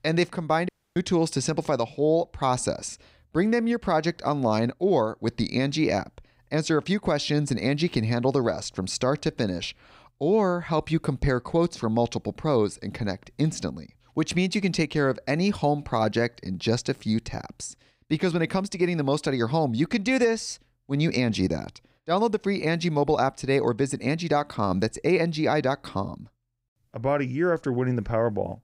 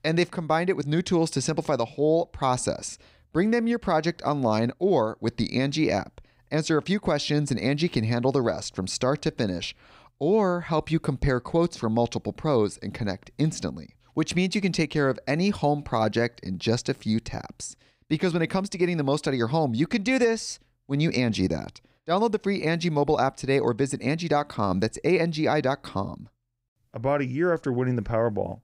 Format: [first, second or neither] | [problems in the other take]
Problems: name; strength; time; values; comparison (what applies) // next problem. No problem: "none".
second | audio cutting out; at 0.5 s